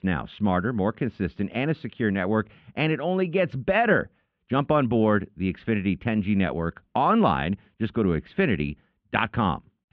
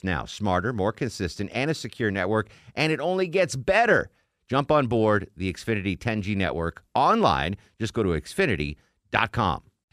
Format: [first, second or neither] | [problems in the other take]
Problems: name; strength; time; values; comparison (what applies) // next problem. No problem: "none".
second | muffled; very; fading above 3 kHz